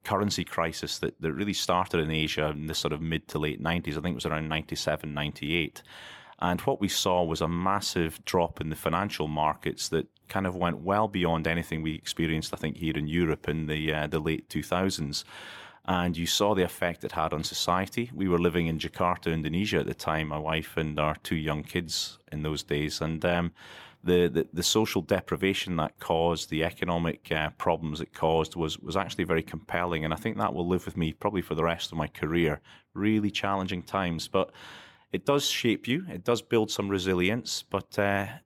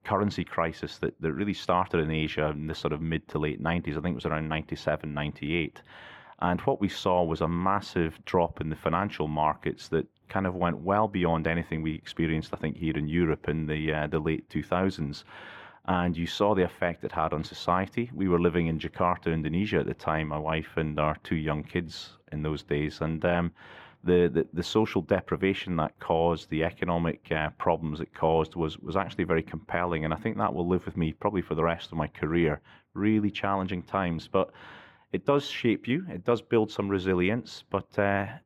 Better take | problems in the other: first | muffled; slightly; fading above 4 kHz

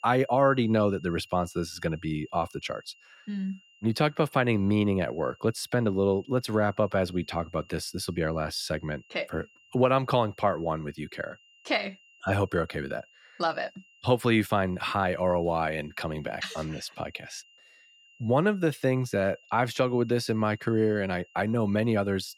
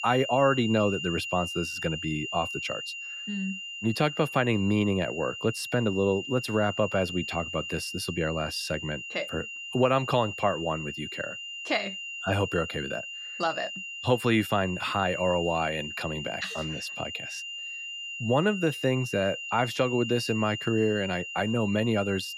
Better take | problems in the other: first | high-pitched whine; loud; throughout; 3 kHz, 7 dB below the speech; faint in the first

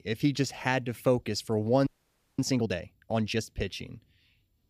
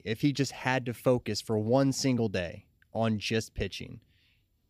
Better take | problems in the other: second | audio freezing; at 2 s for 0.5 s

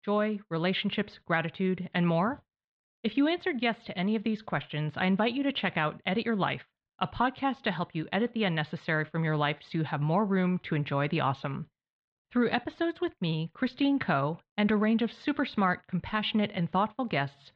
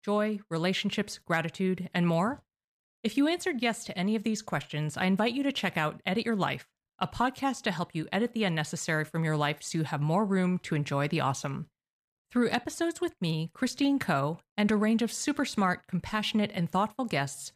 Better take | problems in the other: second | muffled; slightly; fading above 3.5 kHz

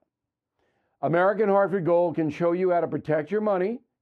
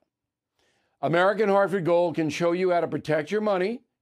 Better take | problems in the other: second | muffled; slightly; fading above 2.5 kHz

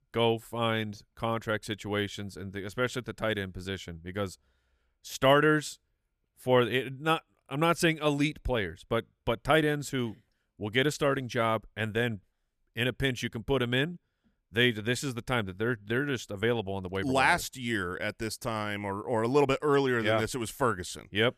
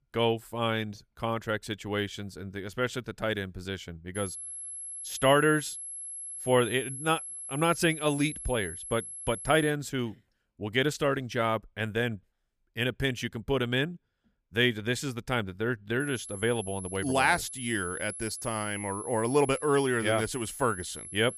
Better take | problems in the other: first | high-pitched whine; loud; from 4 to 9.5 s and from 16 s on; 11 kHz, 9 dB below the speech

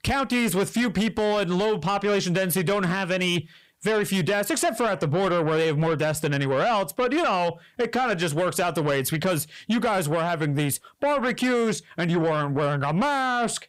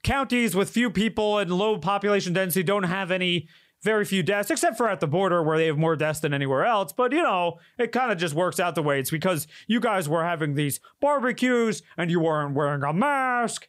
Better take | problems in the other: second | distortion; slight; 10 dB below the speech

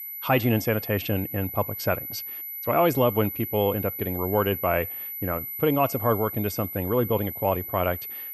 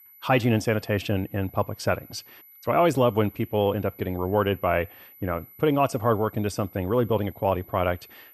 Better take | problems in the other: second | high-pitched whine; loud; throughout; 12 kHz, 6 dB below the speech; faint in the second

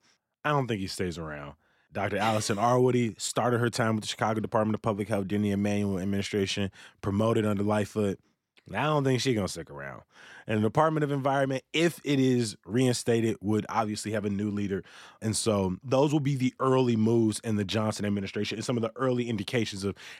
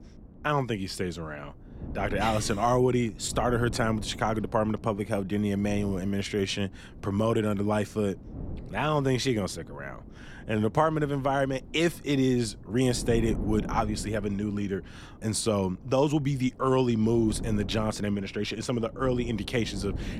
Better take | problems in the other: first | wind noise on the microphone; occasional gusts; 20 dB below the speech

